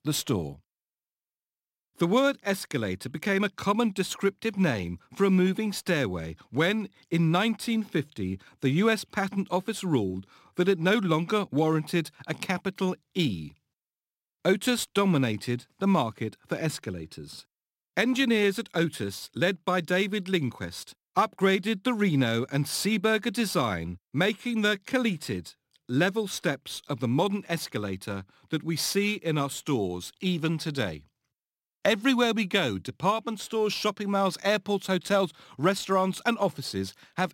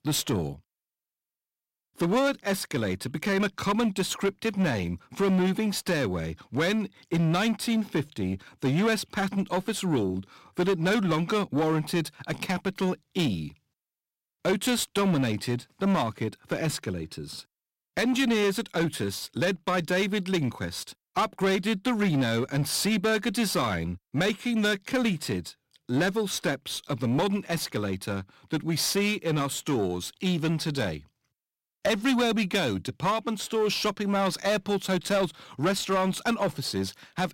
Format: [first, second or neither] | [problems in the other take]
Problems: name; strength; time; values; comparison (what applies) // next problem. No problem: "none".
first | distortion; slight; 10 dB below the speech